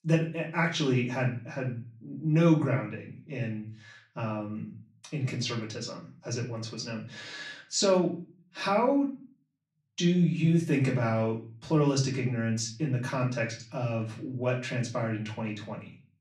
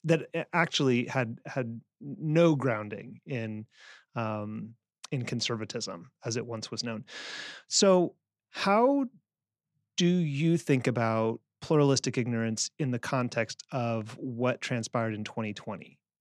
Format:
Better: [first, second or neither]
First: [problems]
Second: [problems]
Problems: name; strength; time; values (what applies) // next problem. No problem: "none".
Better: second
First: room echo; slight; dies away in 0.4 s // off-mic speech; far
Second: none